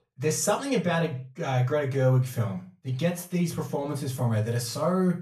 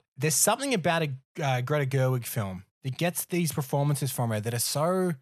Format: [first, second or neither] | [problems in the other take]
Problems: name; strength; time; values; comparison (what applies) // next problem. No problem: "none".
second | room echo; very slight; dies away in 0.3 s // off-mic speech; far